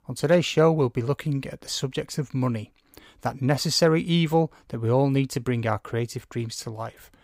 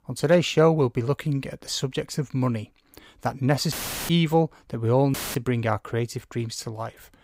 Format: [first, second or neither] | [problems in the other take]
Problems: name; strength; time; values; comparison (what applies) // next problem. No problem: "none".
first | audio cutting out; filled with static; at 3.5 s and at 5 s